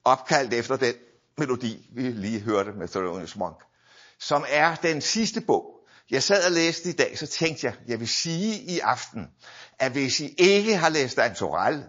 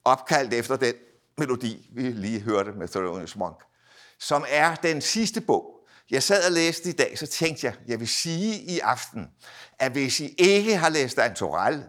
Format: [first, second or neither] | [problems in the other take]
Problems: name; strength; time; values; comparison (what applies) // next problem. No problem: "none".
second | garbled, watery; slightly; nothing above 6.5 kHz